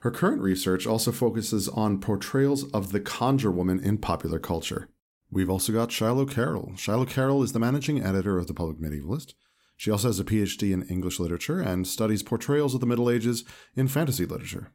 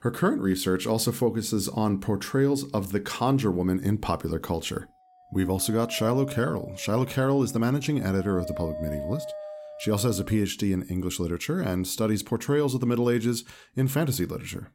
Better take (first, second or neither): first